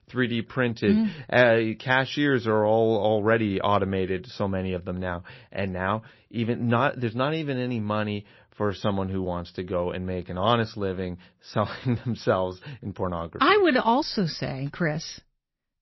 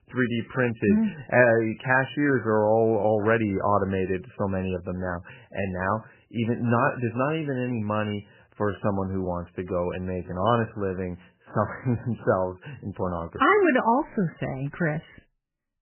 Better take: first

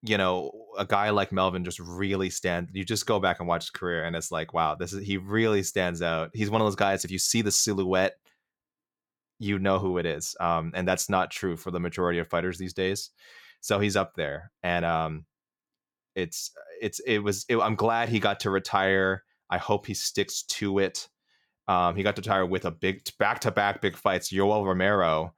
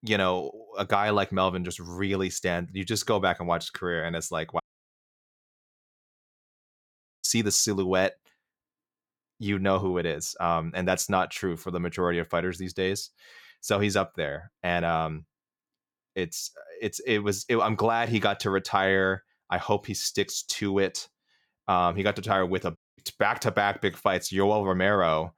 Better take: first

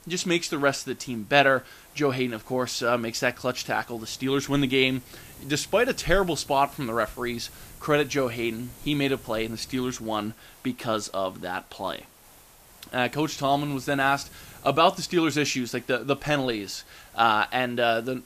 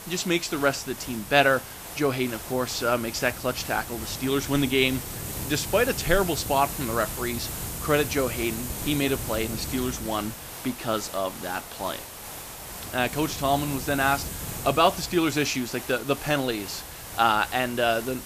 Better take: first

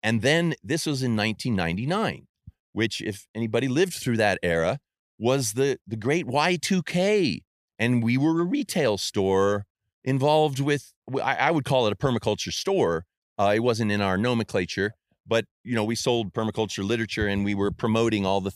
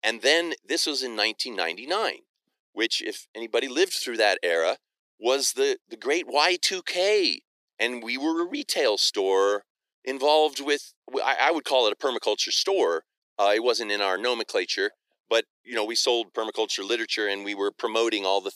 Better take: first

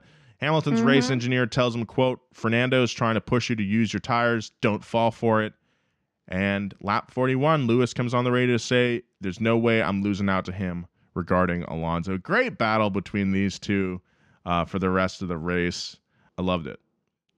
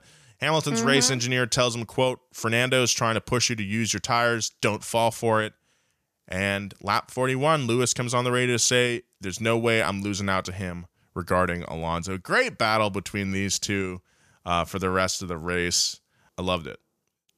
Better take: second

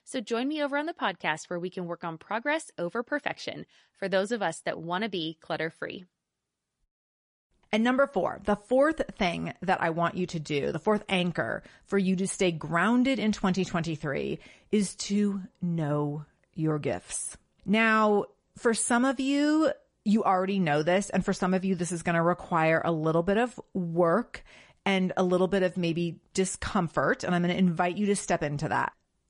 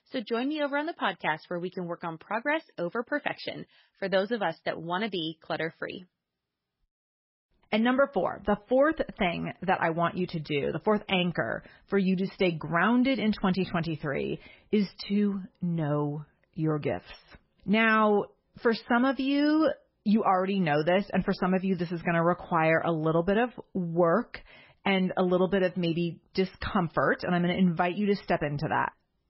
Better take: first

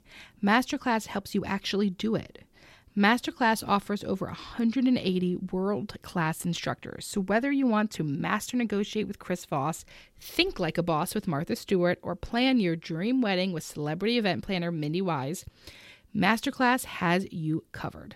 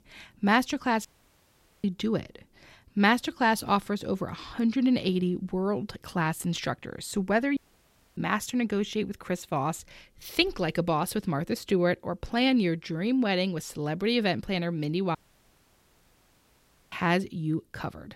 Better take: first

